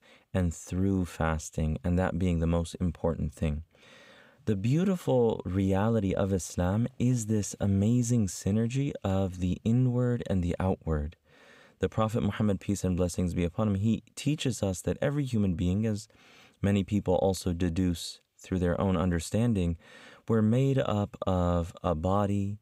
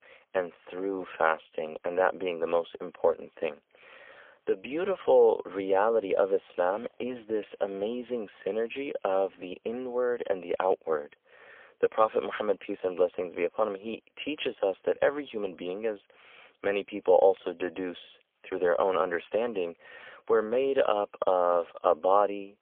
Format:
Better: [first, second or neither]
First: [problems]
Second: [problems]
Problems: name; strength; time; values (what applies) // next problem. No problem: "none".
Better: first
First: none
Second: phone-call audio; poor line; nothing above 3.5 kHz